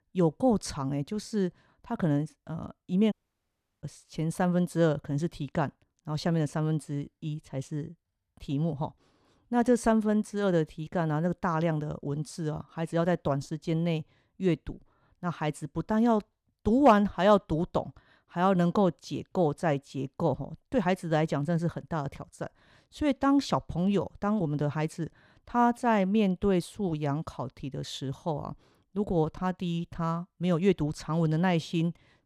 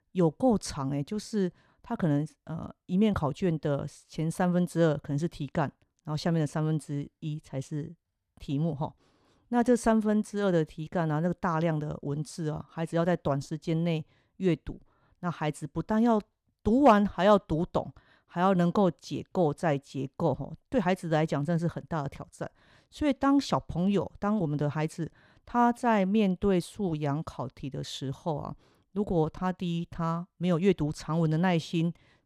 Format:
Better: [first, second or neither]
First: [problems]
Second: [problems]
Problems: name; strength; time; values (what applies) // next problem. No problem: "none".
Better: second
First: audio cutting out; at 3 s for 0.5 s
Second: none